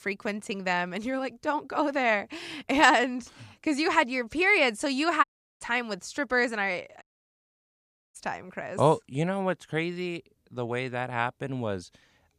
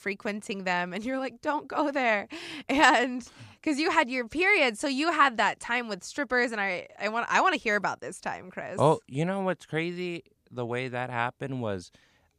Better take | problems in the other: second | audio cutting out; at 5 s and at 7 s for 1 s

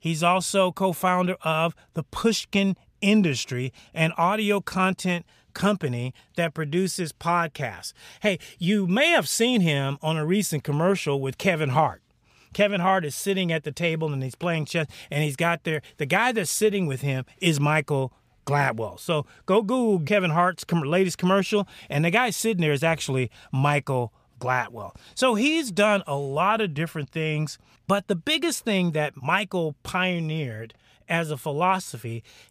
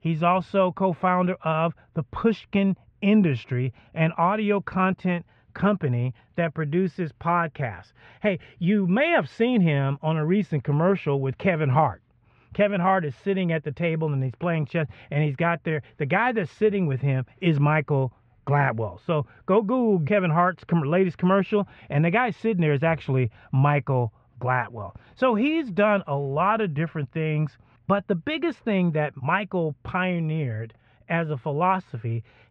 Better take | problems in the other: first | muffled; very; fading above 2 kHz

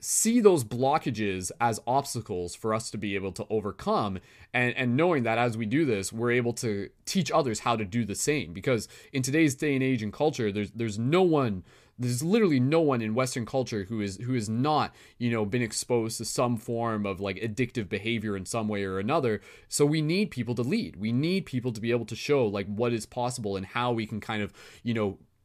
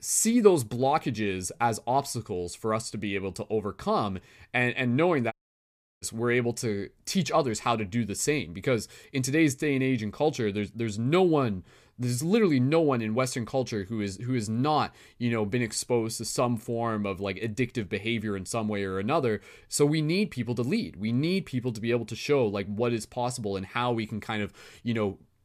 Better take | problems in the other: first | audio cutting out; at 5.5 s for 0.5 s

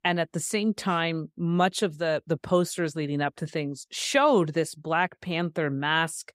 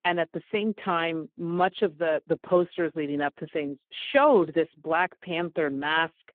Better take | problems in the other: first | phone-call audio; poor line

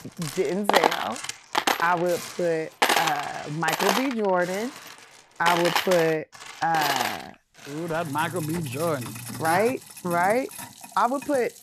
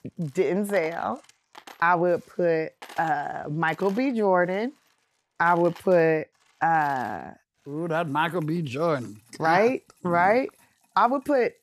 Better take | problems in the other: second | household noises; loud; throughout; 2 dB below the speech; faint in the second

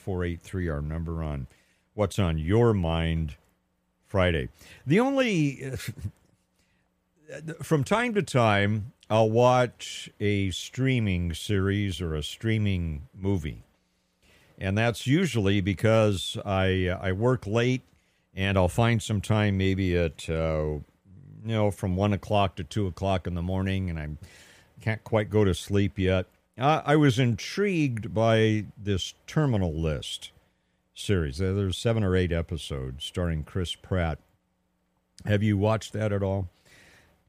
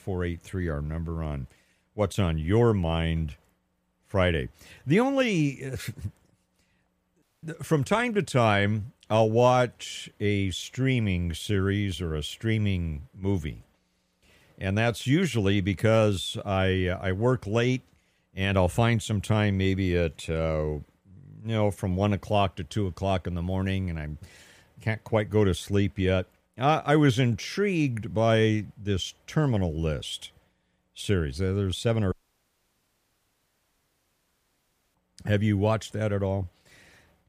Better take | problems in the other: first | audio cutting out; at 7 s and at 32 s for 3 s

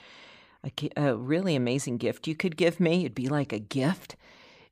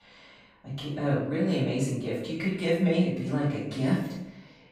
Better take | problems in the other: first | off-mic speech; far // room echo; noticeable; dies away in 0.7 s

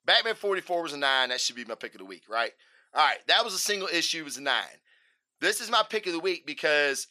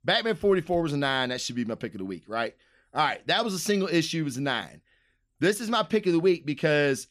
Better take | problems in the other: second | thin; very; fading below 650 Hz

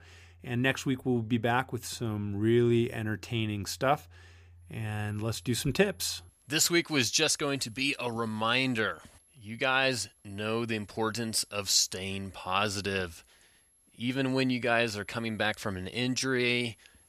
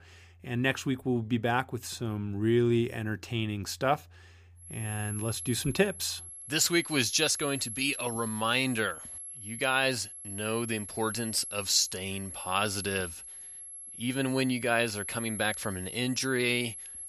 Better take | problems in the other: first | high-pitched whine; loud; from 4.5 s on; 11 kHz, 9 dB below the speech; faint in the first

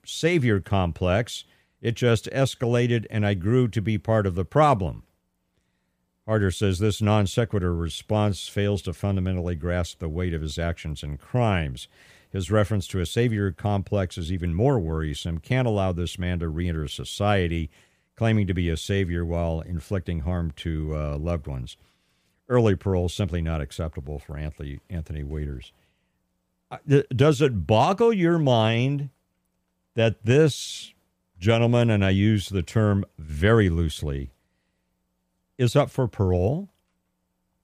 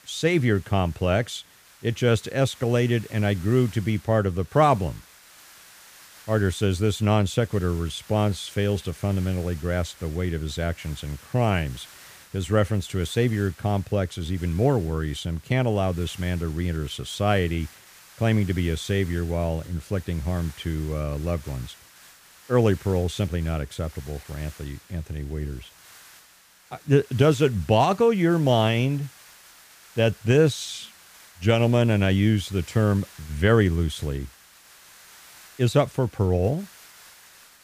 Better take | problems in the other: first | hiss; faint; throughout; 25 dB below the speech

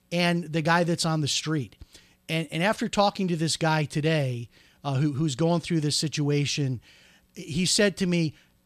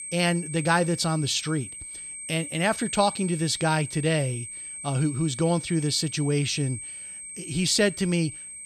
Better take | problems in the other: first | high-pitched whine; loud; throughout; 8.5 kHz, 10 dB below the speech

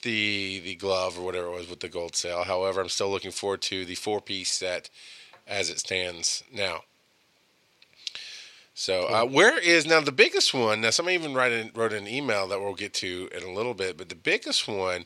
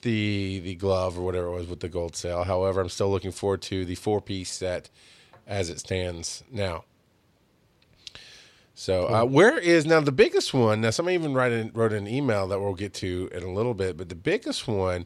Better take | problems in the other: second | thin; somewhat; fading below 1 kHz

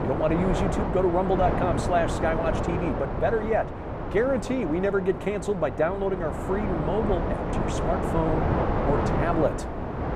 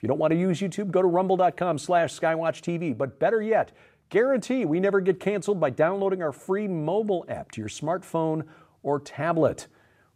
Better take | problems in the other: second | wind noise on the microphone; heavy; 3 dB below the speech

